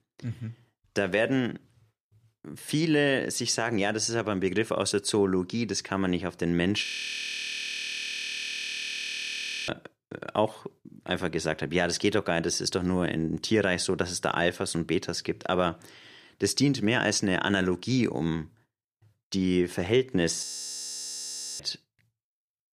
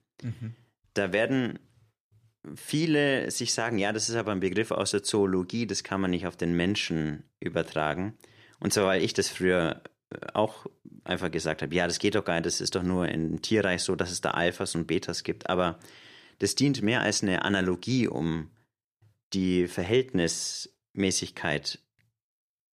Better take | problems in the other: second | audio freezing; at 7 s for 3 s and at 20 s for 1 s

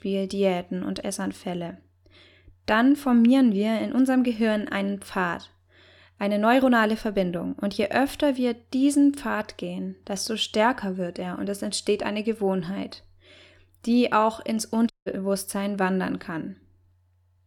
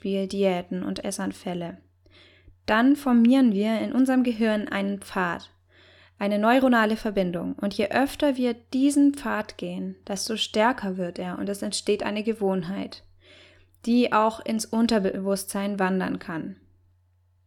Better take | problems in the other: second | audio cutting out; at 15 s

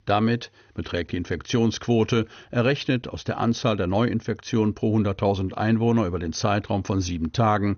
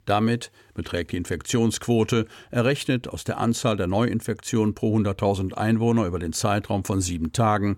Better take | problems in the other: second | garbled, watery; slightly; nothing above 6.5 kHz

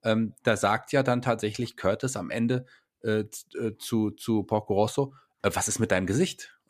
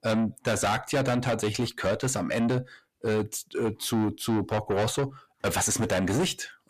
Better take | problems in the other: first | distortion; heavy; 6 dB below the speech

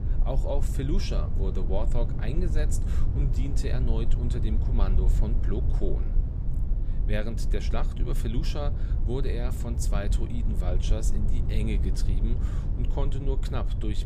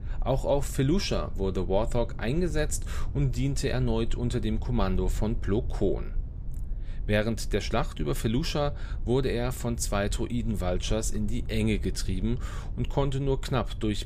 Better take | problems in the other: second | low rumble; loud; throughout; 7 dB below the speech; faint in the second

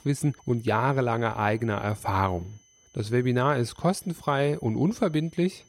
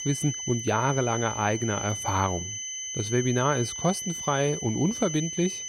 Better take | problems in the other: first | high-pitched whine; loud; throughout; 6 kHz, 5 dB below the speech; faint in the first

